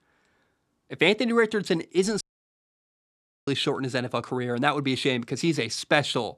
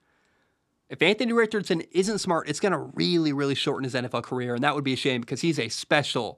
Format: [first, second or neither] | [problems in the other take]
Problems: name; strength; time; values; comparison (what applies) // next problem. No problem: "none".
second | audio cutting out; at 2 s for 1.5 s